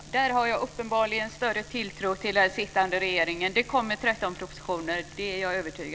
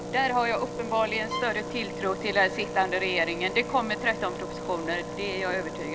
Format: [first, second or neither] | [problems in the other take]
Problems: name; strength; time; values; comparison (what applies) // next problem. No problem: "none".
first | background sound (Engine + Bowed string instrument); 7 dB below the speech